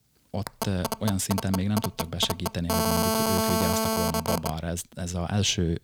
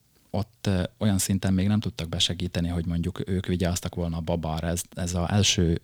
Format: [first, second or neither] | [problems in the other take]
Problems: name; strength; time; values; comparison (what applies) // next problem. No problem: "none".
second | phone ringing; loud; until 4.5 s; peak 5 dB above the speech